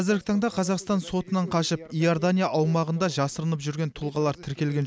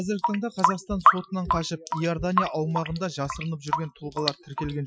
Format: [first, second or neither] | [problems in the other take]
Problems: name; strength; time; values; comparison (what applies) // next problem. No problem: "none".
first | noise reduction (classical method Wiener filter)